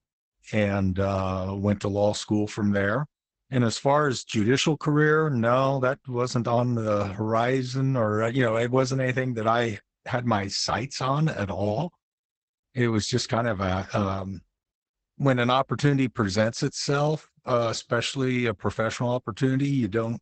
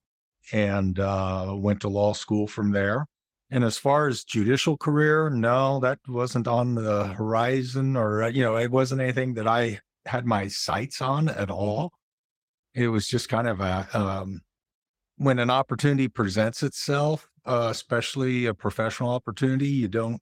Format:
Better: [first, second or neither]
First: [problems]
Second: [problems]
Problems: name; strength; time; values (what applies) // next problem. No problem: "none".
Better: second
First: garbled, watery; badly; nothing above 8 kHz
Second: garbled, watery; slightly; nothing above 16.5 kHz